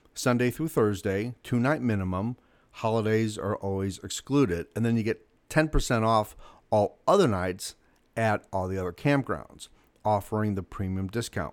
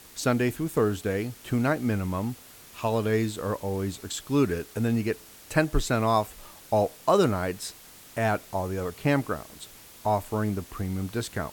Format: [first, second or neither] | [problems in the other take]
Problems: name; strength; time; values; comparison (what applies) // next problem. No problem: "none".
first | hiss; noticeable; throughout; 20 dB below the speech